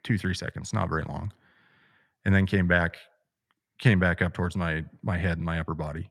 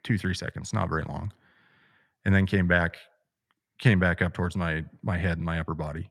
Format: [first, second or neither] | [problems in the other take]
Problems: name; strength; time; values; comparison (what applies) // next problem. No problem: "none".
neither | none